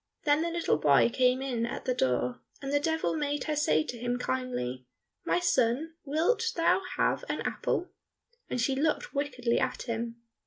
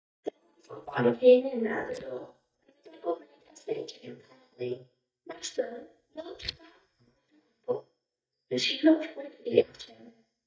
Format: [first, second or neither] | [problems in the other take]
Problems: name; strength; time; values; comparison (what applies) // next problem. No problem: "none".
first | noise reduction (neural mask model DeepFilterNet 3)